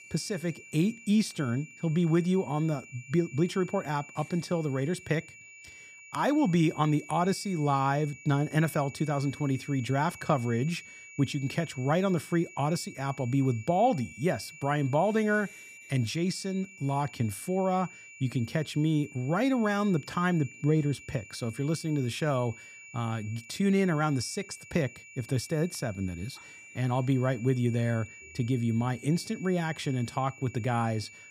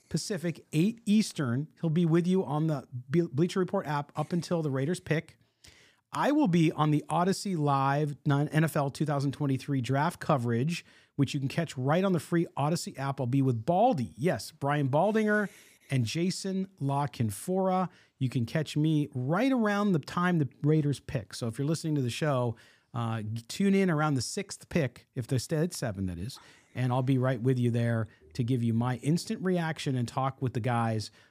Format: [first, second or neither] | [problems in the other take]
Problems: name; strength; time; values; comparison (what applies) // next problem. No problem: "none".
second | high-pitched whine; noticeable; throughout; 2.5 kHz, 15 dB below the speech